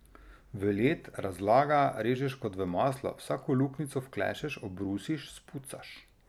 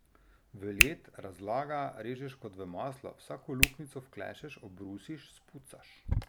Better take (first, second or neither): first